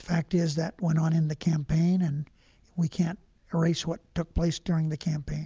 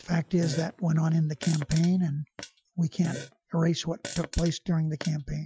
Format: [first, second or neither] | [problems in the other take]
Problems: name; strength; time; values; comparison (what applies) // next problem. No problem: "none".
first | noise reduction (classical method Wiener filter)